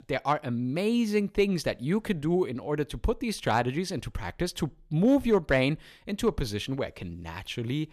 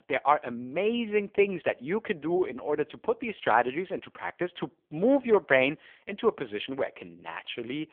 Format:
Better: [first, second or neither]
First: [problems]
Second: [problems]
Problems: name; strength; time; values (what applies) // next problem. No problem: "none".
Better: first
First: none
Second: phone-call audio; poor line; nothing above 3.5 kHz